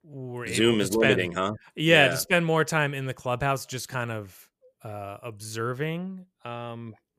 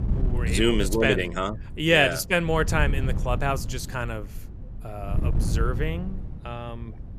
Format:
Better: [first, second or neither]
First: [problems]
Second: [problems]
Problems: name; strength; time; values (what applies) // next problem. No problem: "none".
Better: first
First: none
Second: wind noise on the microphone; occasional gusts; 20 dB below the speech